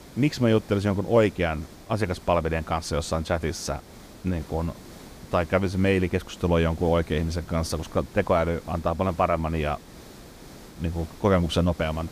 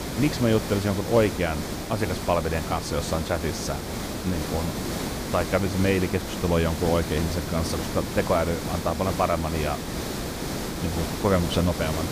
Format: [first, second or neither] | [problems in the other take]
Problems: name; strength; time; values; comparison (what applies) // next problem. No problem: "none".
first | hiss; loud; throughout; 5 dB below the speech; faint in the first